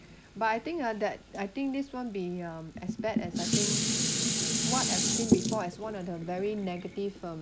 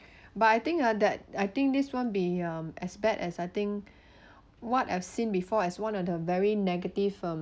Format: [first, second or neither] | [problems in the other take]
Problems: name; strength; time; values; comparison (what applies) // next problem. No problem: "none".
second | background sound (Dishes, pots, and pans); 2 dB above the speech